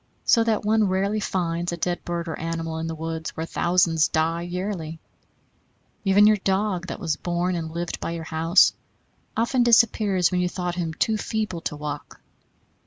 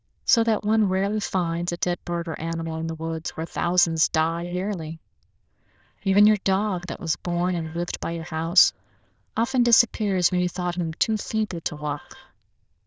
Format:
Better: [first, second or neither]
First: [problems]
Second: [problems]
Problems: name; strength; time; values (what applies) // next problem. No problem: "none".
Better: first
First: none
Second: noise reduction (neural diffusion model UNIVERSE++)